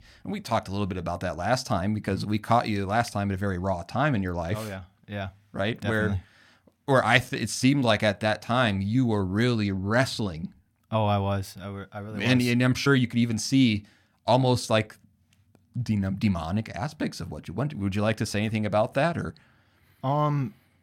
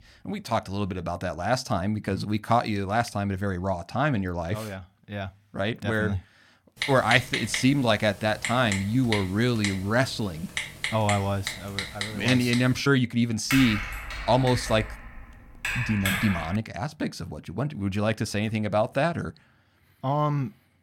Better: first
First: none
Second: keyboard typing; noticeable; from 7 to 13 s and from 14 to 17 s; peak 1 dB below the speech

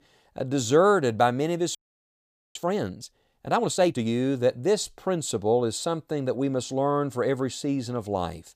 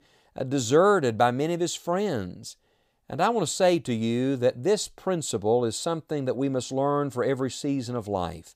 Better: second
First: audio freezing; at 2 s for 1 s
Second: none

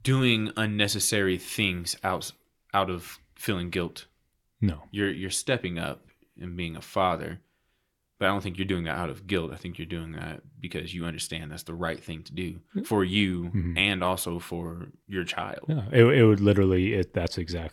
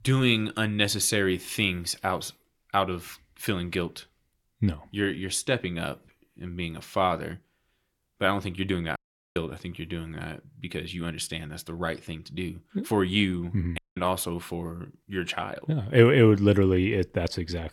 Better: first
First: none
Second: audio cutting out; at 9 s and at 14 s

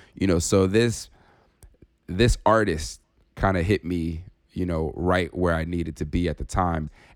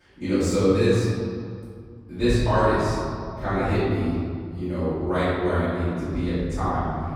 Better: first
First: none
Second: room echo; strong; dies away in 2.2 s // off-mic speech; far

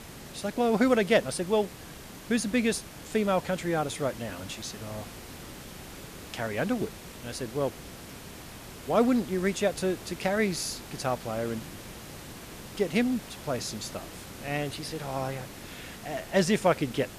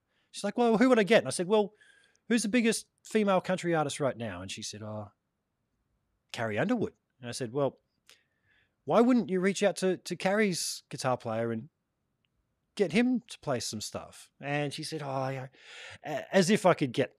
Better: second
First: hiss; noticeable; throughout; 15 dB below the speech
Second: none

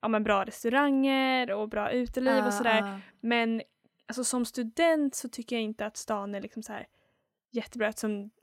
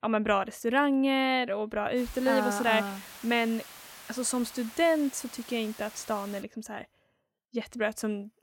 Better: first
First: none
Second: hiss; noticeable; from 2 to 6.5 s; 15 dB below the speech

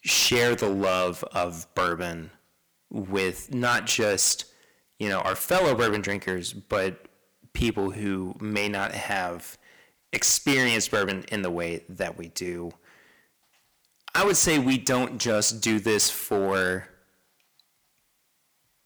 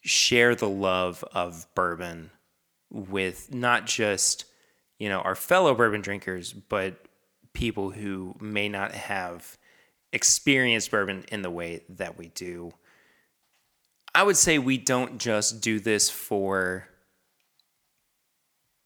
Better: second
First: distortion; heavy; 7% of the sound clipped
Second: none

